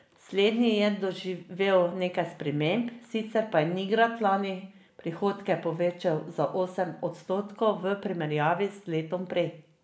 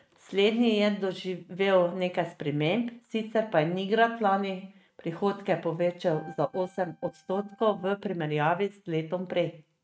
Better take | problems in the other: first | noise reduction (neural mask model RNNoise)

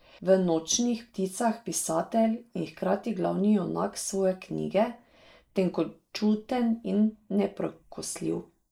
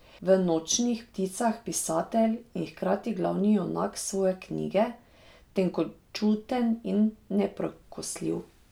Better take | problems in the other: second | noise reduction (neural mask model Resemble Enhance denoiser)

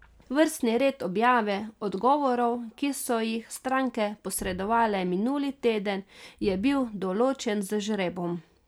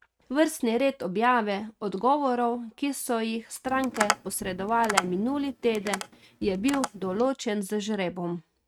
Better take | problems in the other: first | noise reduction (neural mask model RNNoise)

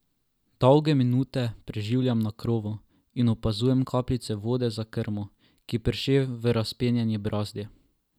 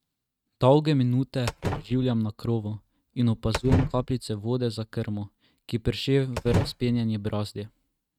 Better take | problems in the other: first | noise reduction (neural mask model RNNoise)

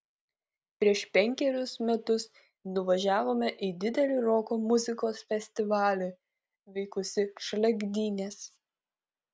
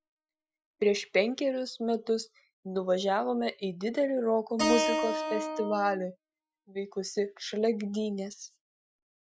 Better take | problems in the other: first | noise reduction (classical method Wiener filter)

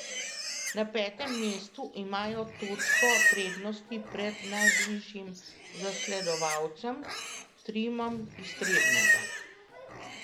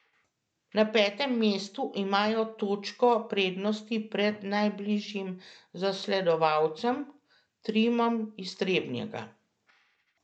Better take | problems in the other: second | background sound (Livestock, farm animals, working animals); 4 dB above the speech

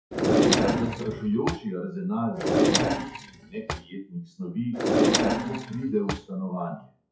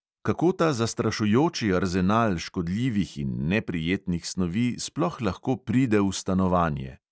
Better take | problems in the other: second | noise reduction (classical method WPE with log-MMSE)

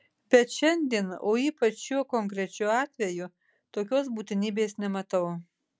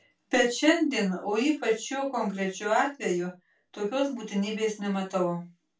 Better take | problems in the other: first | room echo; dies away in 0.2 s

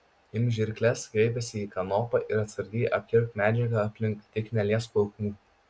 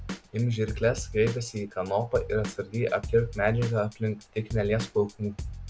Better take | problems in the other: first | background sound (Drum / Drum kit); 11 dB below the speech

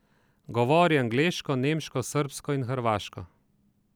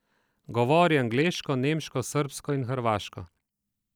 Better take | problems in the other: first | noise reduction (neural mask model DeepFilterNet 3)

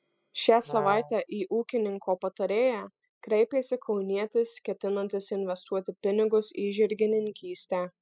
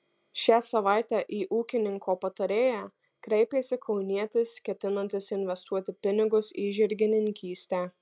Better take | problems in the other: second | noise reduction (classical method spectral subtraction)

